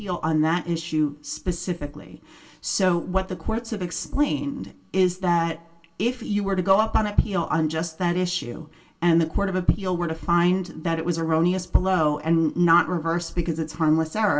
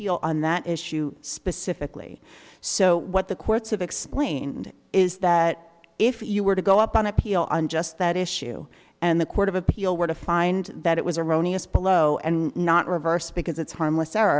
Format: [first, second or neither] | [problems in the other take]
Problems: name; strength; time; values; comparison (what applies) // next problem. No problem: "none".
second | room echo; dies away in 0.2 s